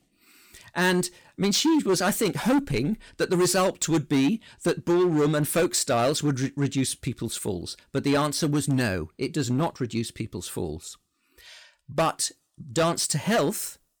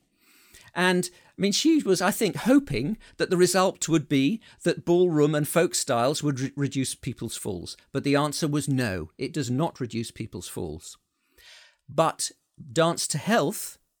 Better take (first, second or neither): second